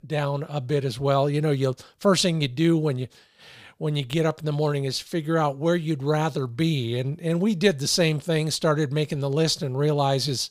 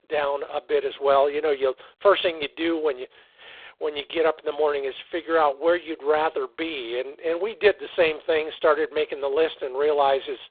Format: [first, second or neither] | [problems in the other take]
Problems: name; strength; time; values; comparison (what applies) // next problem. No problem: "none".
first | phone-call audio; poor line